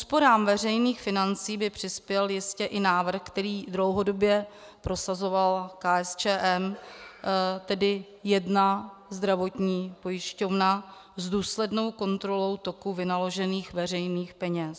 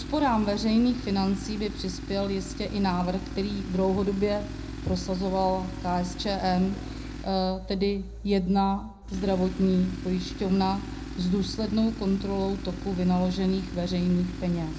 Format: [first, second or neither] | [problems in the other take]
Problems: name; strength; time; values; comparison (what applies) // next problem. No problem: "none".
first | background sound (Tools); 9 dB below the speech // room echo; dies away in 0.4 s